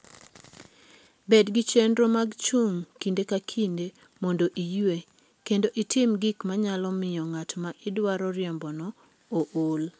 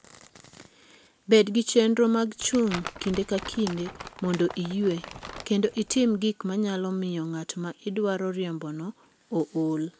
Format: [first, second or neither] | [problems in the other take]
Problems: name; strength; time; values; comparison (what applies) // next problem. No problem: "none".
first | background sound (Crumpling, crinkling); 14 dB below the speech